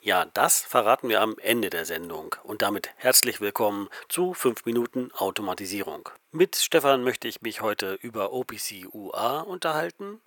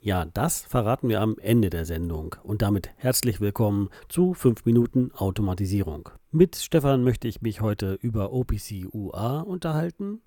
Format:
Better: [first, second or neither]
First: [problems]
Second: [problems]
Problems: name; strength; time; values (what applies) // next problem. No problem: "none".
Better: second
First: thin; very; fading below 600 Hz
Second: none